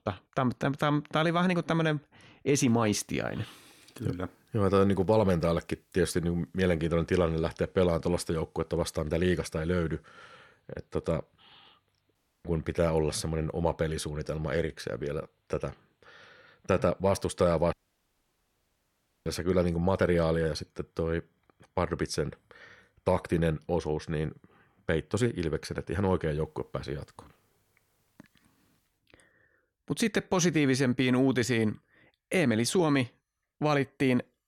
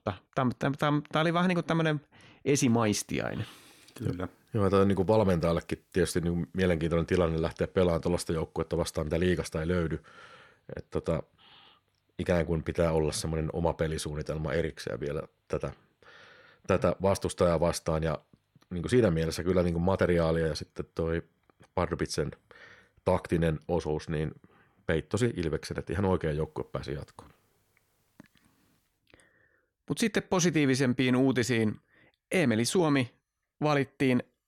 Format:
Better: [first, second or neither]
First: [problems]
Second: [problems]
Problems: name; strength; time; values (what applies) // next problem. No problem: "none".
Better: second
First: audio cutting out; at 12 s and at 18 s for 1.5 s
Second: none